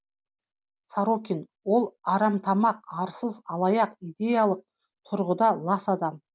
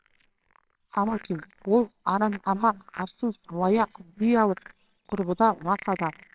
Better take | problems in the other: first | noise reduction (neural separator model SepFormer WHAMR!)

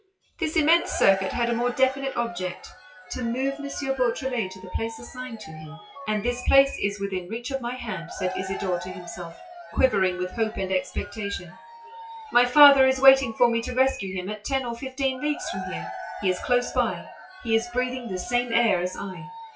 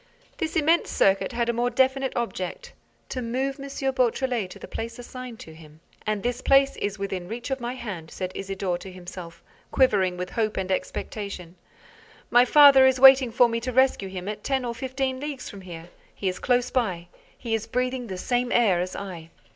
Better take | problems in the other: second | noise reduction (classical method WPE with log-MMSE)

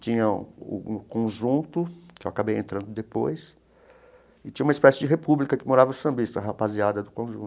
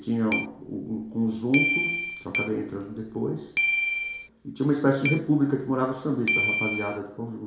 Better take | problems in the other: first | background sound (Keyboard (musical)); 2 dB below the speech // room echo; dies away in 0.7 s

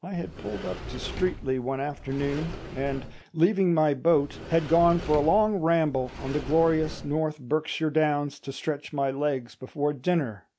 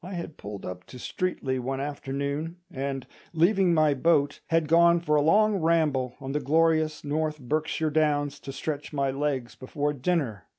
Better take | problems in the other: second | background sound (Sliding door); 12 dB below the speech

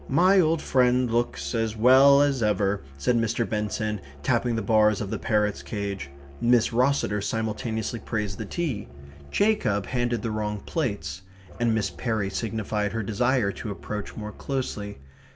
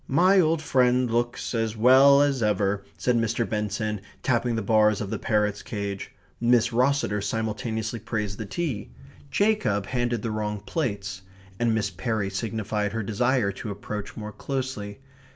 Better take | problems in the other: second | background sound (Musical instrument); 18 dB below the speech

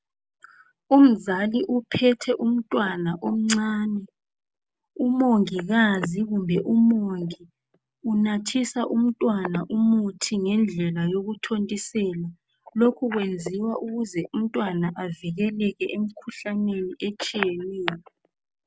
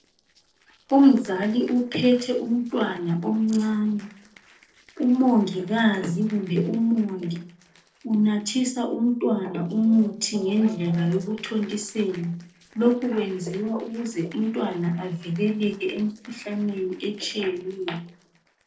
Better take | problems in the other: first | noise reduction (neural separator model SepFormer DNS4)

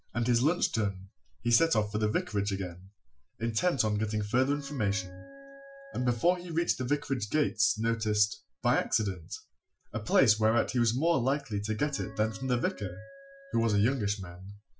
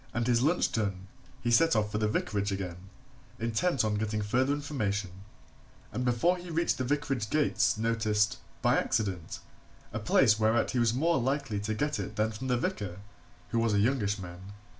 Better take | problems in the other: second | noise reduction (classical method Wiener filter)

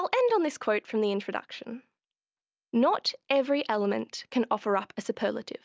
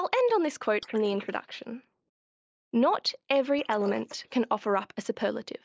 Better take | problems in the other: first | noise reduction (neural mask model Resemble Enhance denoiser)

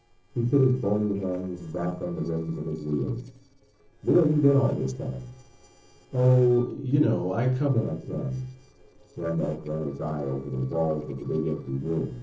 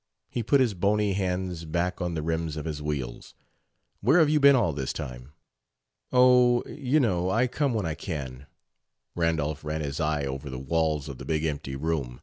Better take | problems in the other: second | noise reduction (neural separator model SepFormer DNS4)

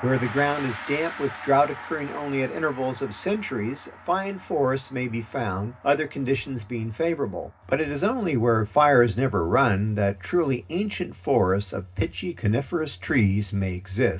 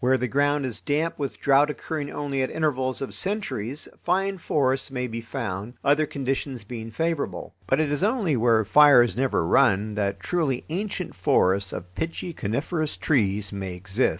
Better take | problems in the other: second | background sound (Gong); 19 dB below the speech // room echo; dies away in 0.4 s

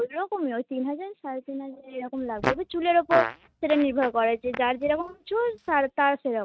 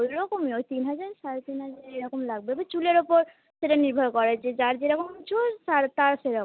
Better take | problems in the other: second | noise reduction (neural mask model RNNoise)

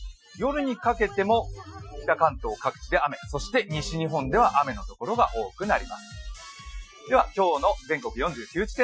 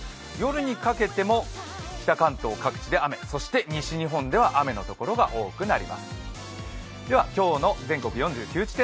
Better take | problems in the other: second | noise reduction (classical method Wiener filter)

